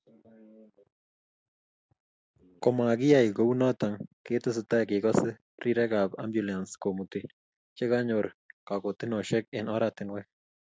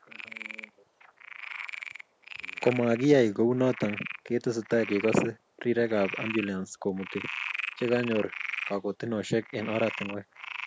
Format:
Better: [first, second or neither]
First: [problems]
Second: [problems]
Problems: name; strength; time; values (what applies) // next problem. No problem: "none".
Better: first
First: none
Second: background sound (Frog); 11 dB below the speech